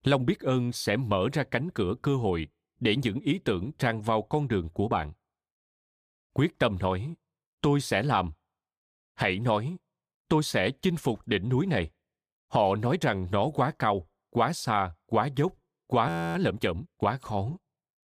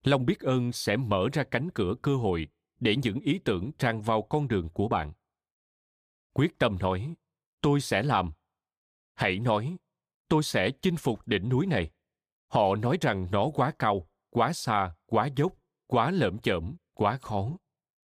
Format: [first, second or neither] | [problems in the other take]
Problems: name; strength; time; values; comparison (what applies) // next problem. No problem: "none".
second | audio freezing; at 16 s